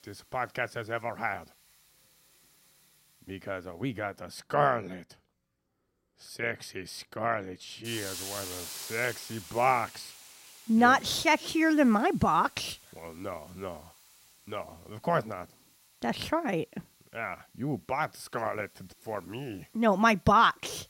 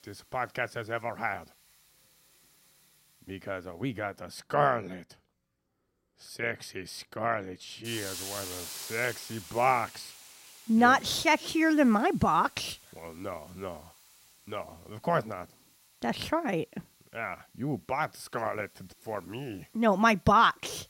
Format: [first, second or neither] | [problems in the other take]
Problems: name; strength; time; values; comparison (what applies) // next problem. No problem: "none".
neither | hiss; noticeable; throughout; 15 dB below the speech; the same in both